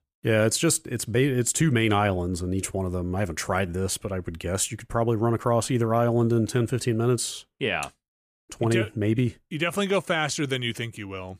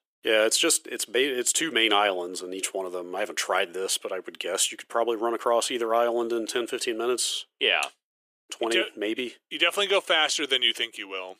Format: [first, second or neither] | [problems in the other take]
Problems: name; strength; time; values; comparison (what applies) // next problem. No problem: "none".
first | thin; very; fading below 350 Hz